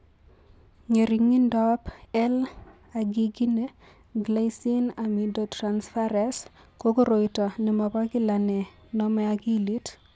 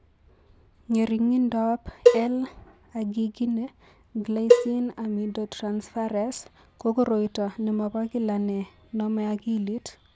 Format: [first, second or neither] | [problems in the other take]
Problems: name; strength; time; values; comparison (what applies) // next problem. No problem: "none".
first | background sound (Cowbell); 3 dB above the speech